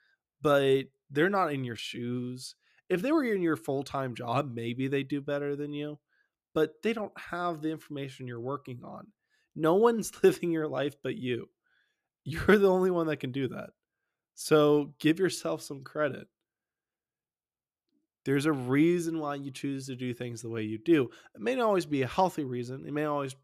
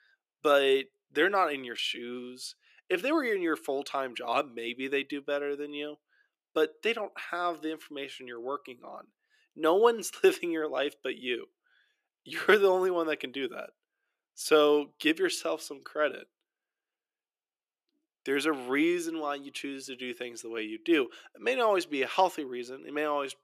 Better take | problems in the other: first | thin; somewhat; fading below 350 Hz

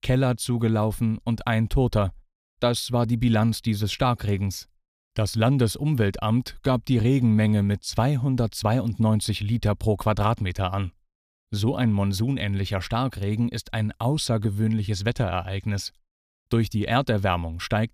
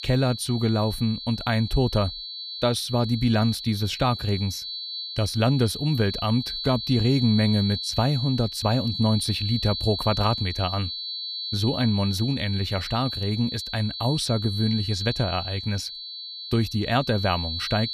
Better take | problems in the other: first | high-pitched whine; loud; throughout; 4 kHz, 6 dB below the speech

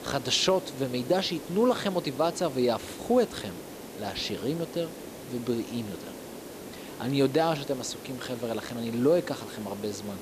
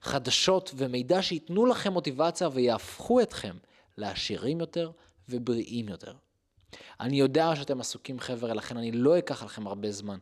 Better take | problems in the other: second | hiss; noticeable; throughout; 15 dB below the speech

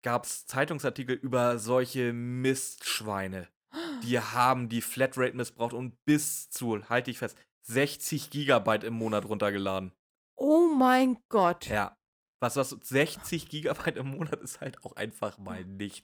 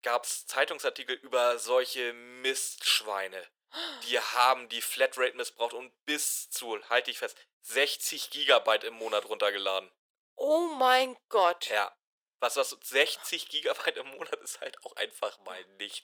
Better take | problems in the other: first | thin; very; fading below 450 Hz

